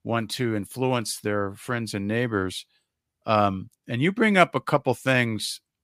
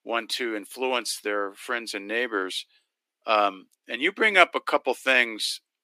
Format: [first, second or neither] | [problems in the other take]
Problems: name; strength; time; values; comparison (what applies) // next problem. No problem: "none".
first | thin; somewhat; fading below 300 Hz